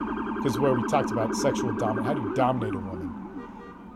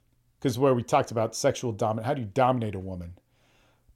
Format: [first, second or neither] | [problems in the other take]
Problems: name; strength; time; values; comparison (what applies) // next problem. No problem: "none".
second | siren; noticeable; peak 1 dB below the speech